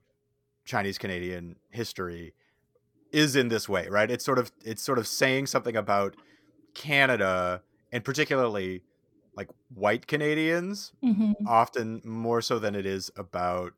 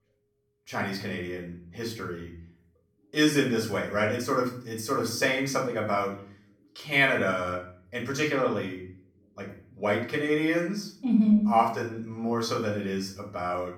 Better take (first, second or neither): first